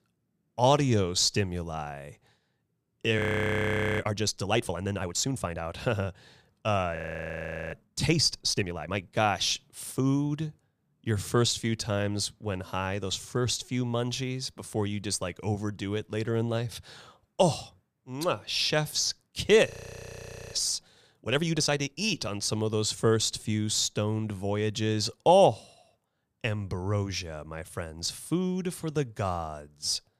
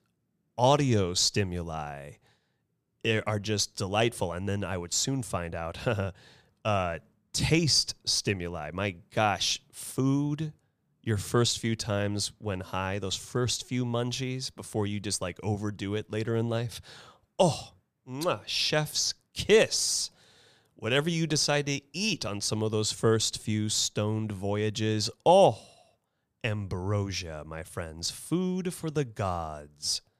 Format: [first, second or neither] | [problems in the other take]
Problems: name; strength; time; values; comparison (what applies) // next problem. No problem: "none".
second | audio freezing; at 3 s for 1 s, at 7 s for 1 s and at 20 s for 1 s